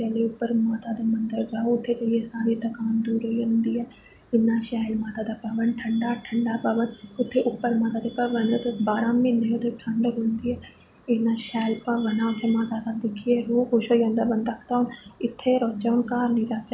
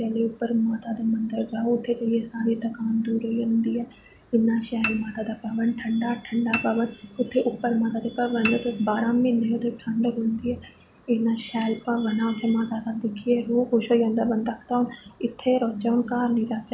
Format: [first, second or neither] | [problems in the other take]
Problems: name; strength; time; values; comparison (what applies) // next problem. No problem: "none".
first | background sound (Piano); 12 dB below the speech